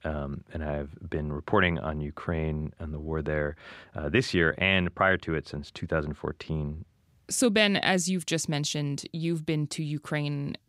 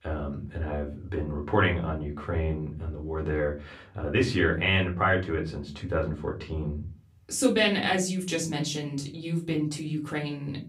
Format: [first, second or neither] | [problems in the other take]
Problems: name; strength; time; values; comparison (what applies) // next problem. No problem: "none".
first | off-mic speech; far // room echo; very slight; dies away in 0.3 s